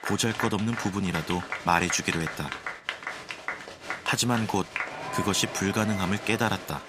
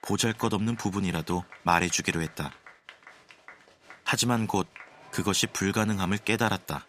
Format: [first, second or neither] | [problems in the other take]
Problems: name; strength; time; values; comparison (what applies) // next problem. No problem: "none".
second | crowd noise; loud; throughout; 8 dB below the speech; faint in the second